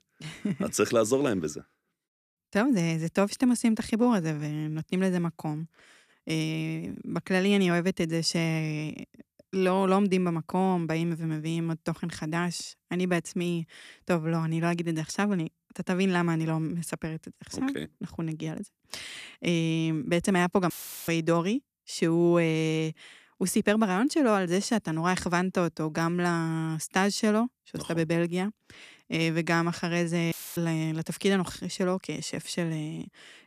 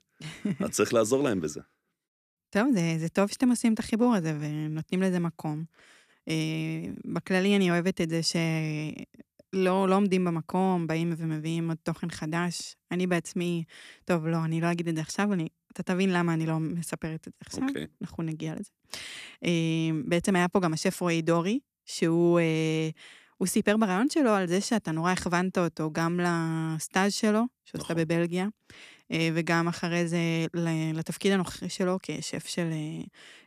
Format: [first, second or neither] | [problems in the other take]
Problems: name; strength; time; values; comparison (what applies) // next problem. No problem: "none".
second | audio cutting out; filled with static; at 21 s and at 30 s